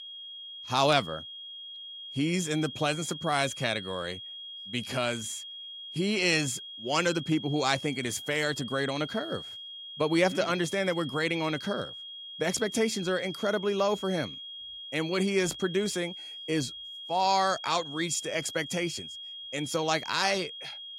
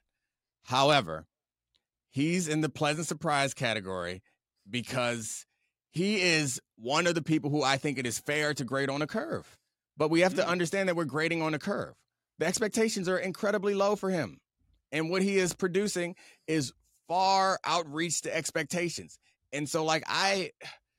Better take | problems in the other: second | high-pitched whine; noticeable; throughout; 3.5 kHz, 10 dB below the speech

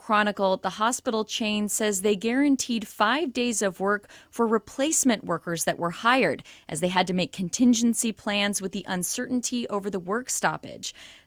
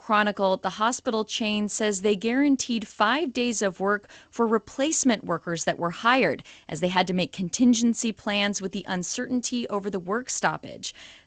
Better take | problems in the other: first | garbled, watery; slightly; nothing above 8 kHz

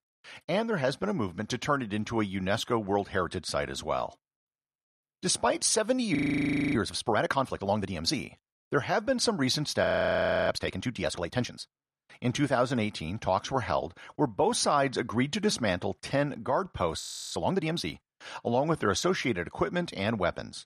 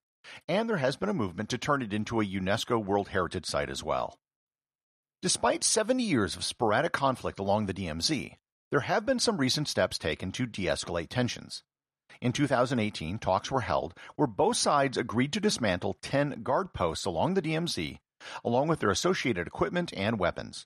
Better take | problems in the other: second | audio freezing; at 6 s for 0.5 s, at 10 s for 0.5 s and at 17 s

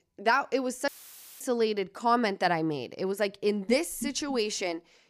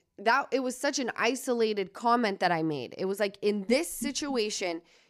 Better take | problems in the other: second | audio cutting out; filled with static; at 1 s for 0.5 s

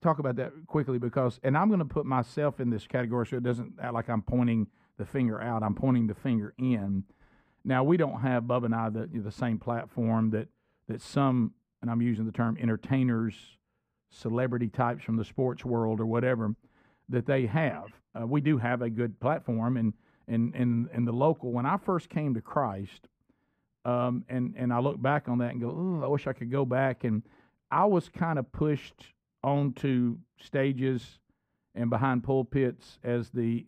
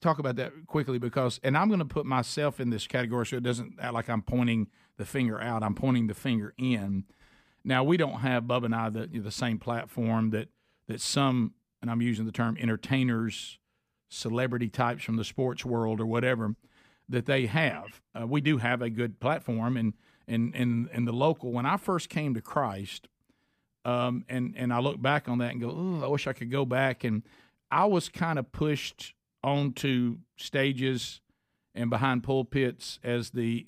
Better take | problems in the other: second | muffled; very; fading above 2 kHz

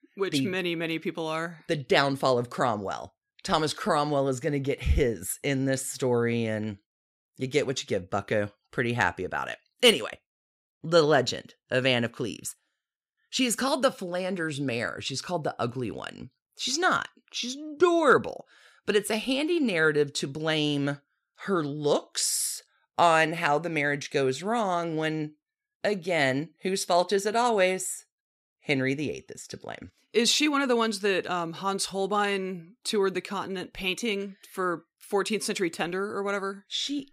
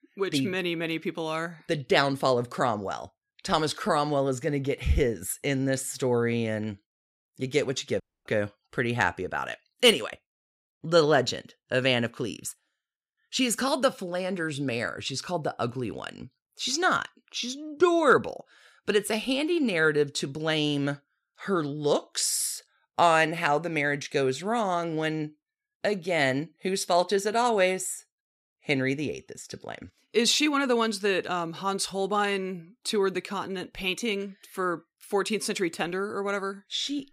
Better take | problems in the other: first | audio cutting out; at 8 s

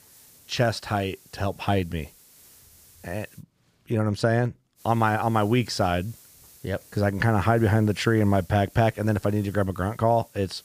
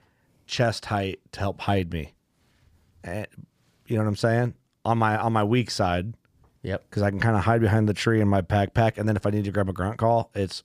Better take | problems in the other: second | hiss; faint; until 3.5 s and from 5 s on; 25 dB below the speech

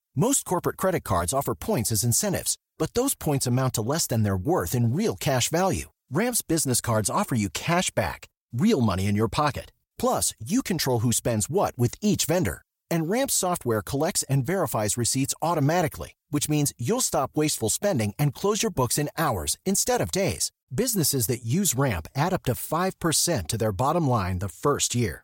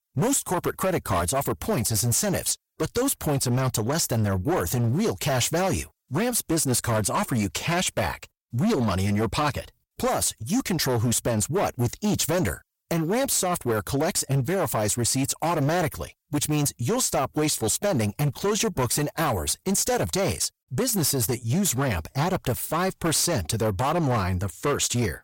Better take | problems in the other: first | distortion; slight; 15% of the sound clipped

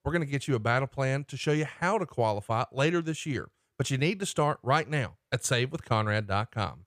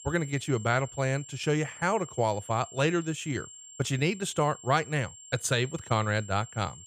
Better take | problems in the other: first | high-pitched whine; noticeable; throughout; 7.5 kHz, 15 dB below the speech

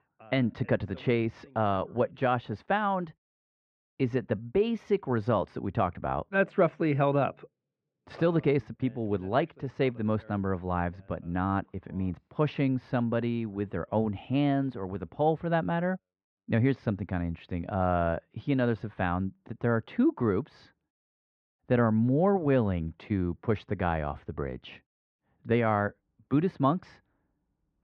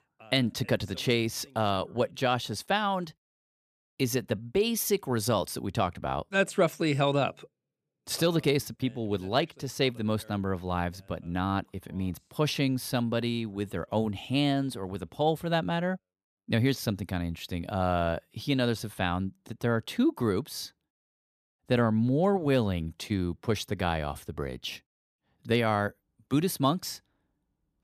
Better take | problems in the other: second | muffled; very; fading above 2 kHz

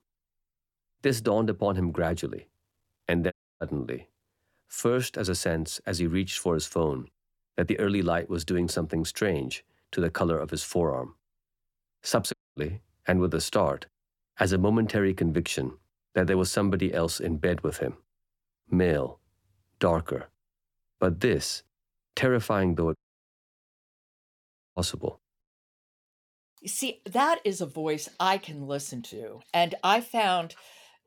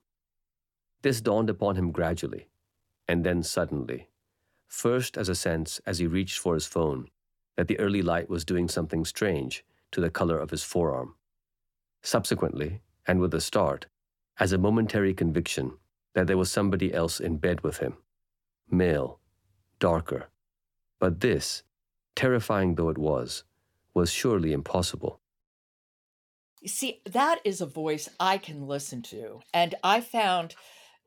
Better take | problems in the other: second | audio cutting out; at 3.5 s, at 12 s and at 23 s for 2 s

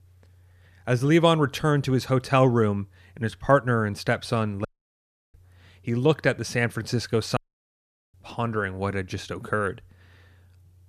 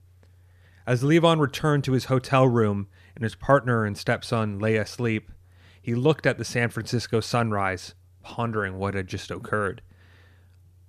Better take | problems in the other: second | audio cutting out; at 4.5 s for 0.5 s and at 7.5 s for 1 s

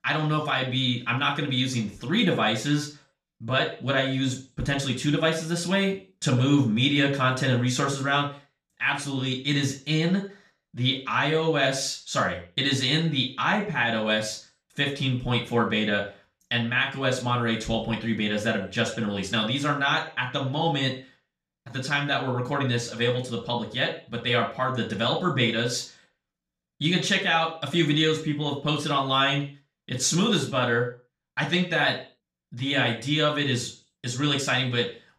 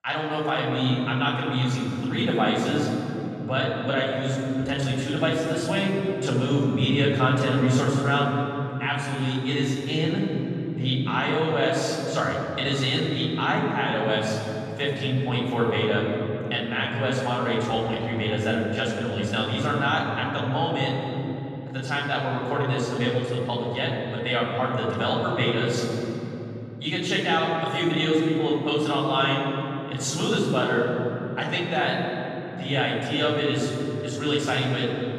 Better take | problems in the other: first | room echo; strong; dies away in 3 s; slight in the first // off-mic speech; far; far in the first

